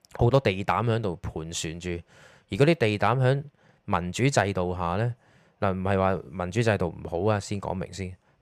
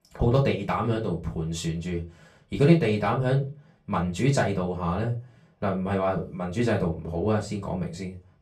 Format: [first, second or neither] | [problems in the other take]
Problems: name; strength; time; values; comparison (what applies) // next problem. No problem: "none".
first | off-mic speech; far // room echo; very slight; dies away in 0.2 s